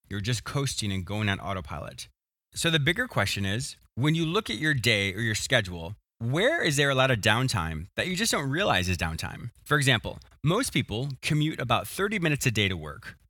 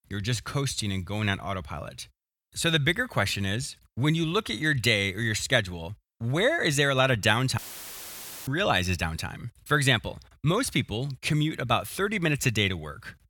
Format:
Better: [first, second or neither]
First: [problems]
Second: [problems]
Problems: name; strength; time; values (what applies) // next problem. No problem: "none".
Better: first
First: none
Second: audio cutting out; filled with static; at 7.5 s for 1 s